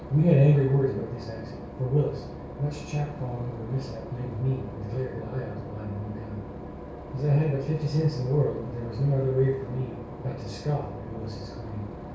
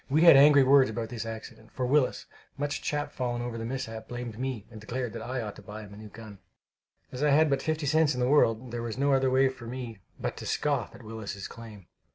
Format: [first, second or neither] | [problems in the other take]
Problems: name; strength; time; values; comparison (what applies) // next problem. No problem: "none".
second | background sound (Engine / Boat, Water vehicle); 11 dB below the speech // room echo; dies away in 0.6 s